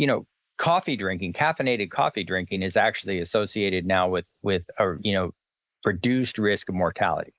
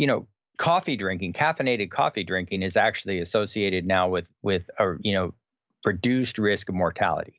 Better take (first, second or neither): second